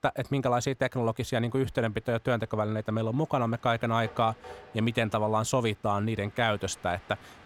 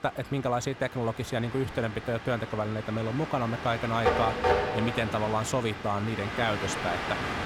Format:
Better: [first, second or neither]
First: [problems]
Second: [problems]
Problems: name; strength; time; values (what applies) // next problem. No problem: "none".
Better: first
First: train or aircraft noise; faint; throughout; 25 dB below the speech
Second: train or aircraft noise; loud; throughout; 2 dB below the speech